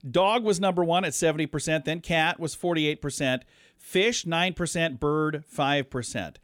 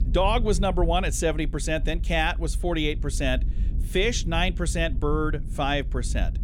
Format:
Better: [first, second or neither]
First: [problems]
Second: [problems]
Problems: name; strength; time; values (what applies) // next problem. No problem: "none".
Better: first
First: none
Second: low rumble; faint; throughout; 20 dB below the speech